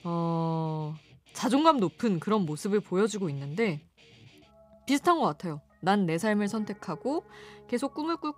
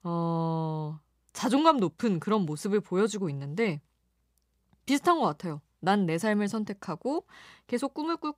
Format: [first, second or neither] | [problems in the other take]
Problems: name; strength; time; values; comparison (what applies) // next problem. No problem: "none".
second | background music; faint; throughout; 25 dB below the speech